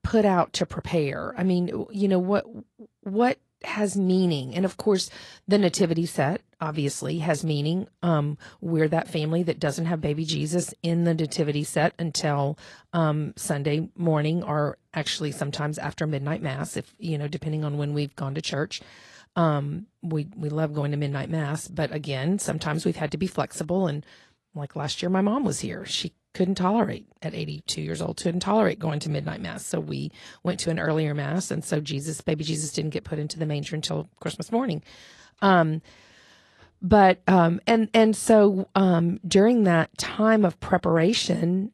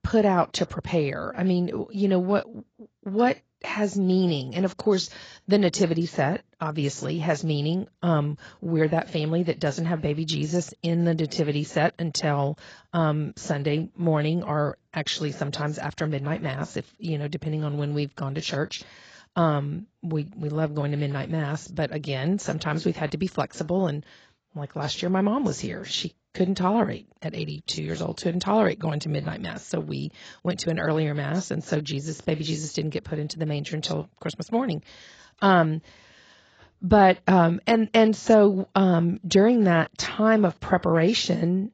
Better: first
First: garbled, watery; slightly; nothing above 11.5 kHz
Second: garbled, watery; badly; nothing above 7.5 kHz

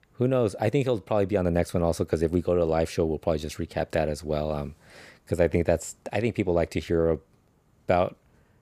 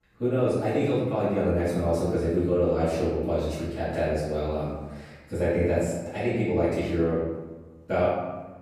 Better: first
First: none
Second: off-mic speech; far // room echo; strong; dies away in 1 s

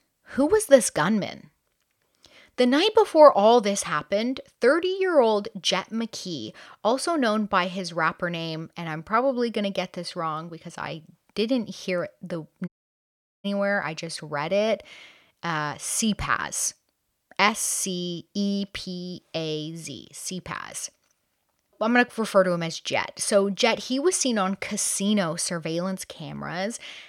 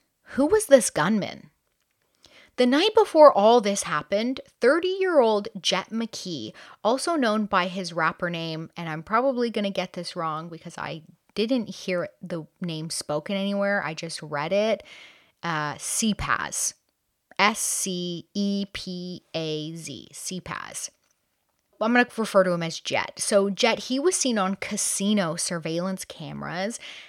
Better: second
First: audio cutting out; at 13 s for 1 s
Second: none

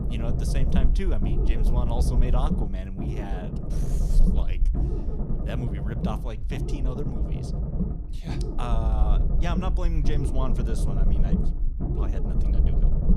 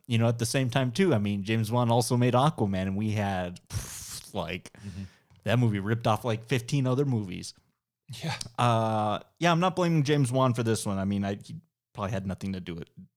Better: second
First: low rumble; loud; throughout; 2 dB below the speech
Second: none

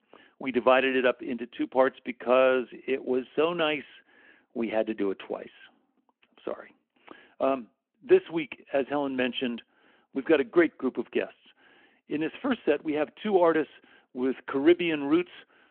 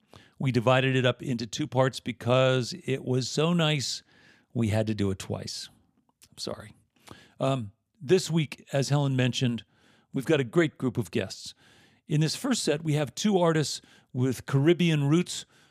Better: second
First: phone-call audio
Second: none

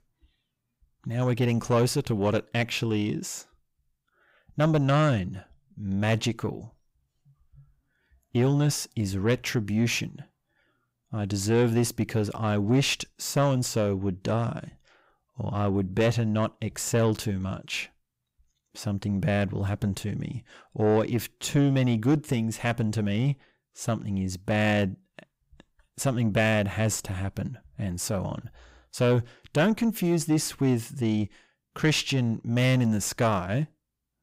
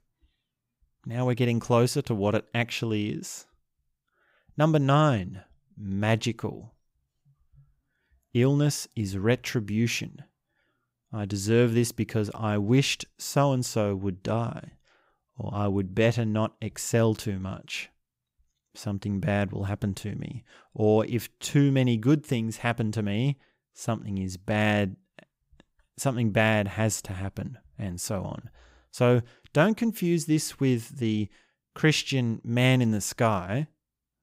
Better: second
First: distortion; slight; 10 dB below the speech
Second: none

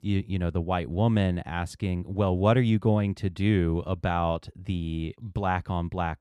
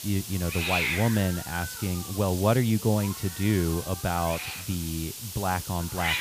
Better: first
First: none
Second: hiss; loud; throughout; 5 dB below the speech

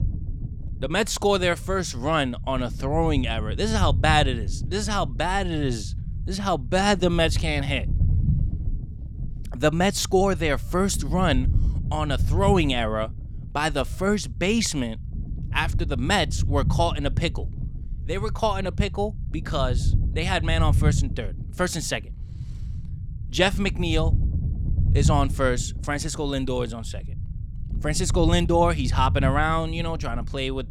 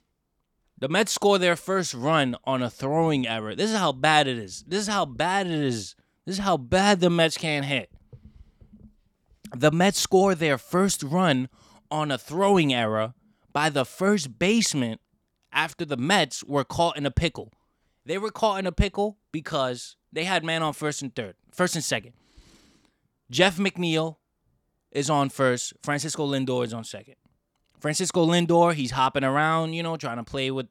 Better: second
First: low rumble; noticeable; throughout; 20 dB below the speech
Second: none

